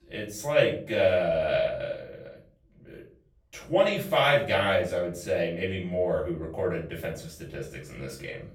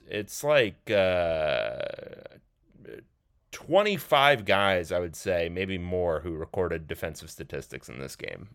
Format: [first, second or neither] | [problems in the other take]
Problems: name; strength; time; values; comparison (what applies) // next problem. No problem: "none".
second | off-mic speech; far // room echo; slight; dies away in 0.4 s